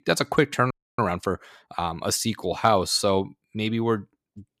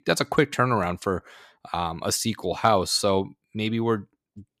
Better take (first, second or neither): second